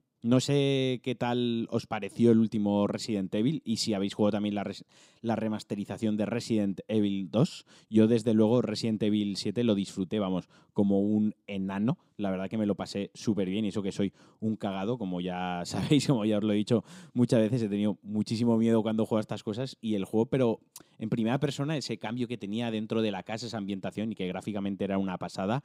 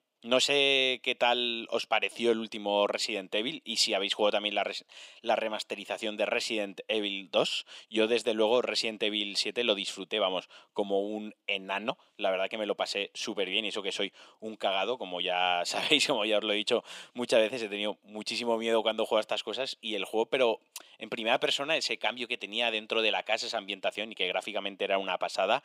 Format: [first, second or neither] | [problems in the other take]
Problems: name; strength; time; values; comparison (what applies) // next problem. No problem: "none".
first | thin; very; fading below 650 Hz